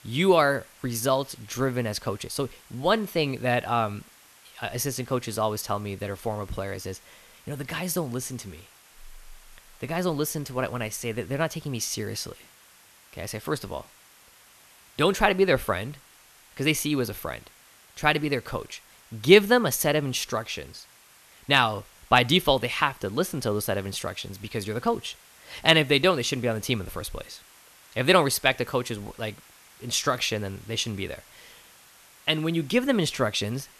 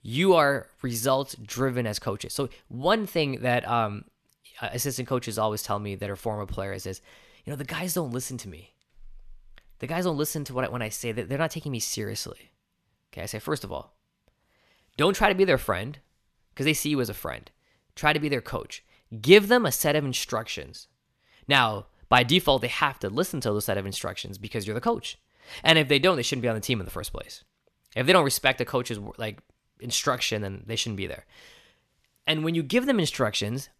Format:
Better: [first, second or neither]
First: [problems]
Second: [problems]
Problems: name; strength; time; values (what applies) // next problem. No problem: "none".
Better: second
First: hiss; faint; throughout; 25 dB below the speech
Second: none